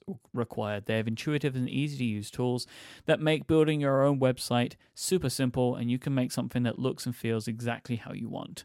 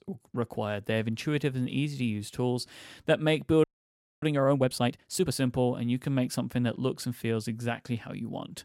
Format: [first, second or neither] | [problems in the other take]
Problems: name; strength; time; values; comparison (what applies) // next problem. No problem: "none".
first | audio freezing; at 3.5 s for 0.5 s